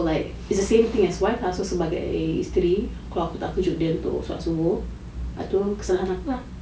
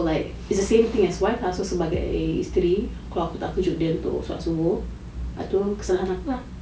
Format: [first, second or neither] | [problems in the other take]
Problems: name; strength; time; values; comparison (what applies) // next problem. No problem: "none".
first | background sound (Bass drum); 7 dB below the speech